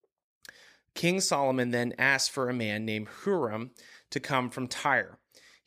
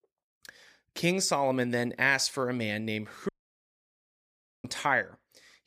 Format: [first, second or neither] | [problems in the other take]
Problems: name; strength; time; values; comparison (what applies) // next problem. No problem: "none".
first | audio cutting out; at 3.5 s for 1.5 s